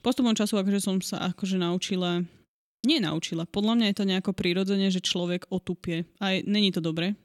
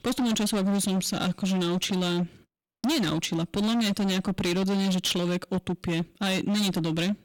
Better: first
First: none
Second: distortion; heavy; 28% of the sound clipped

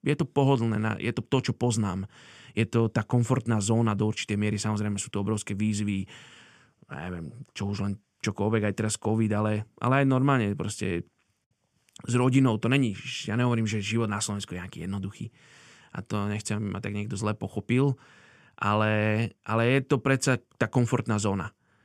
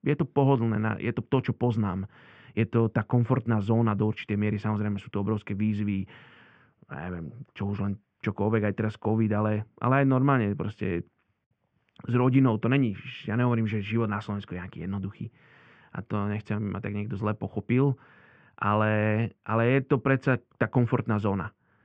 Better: first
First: none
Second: muffled; very; fading above 2.5 kHz

